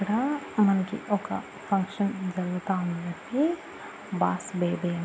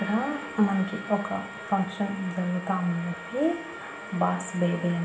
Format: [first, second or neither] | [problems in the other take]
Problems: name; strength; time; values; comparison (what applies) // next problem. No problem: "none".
first | background sound (Trumpet); 14 dB below the speech // room echo; dies away in 1.9 s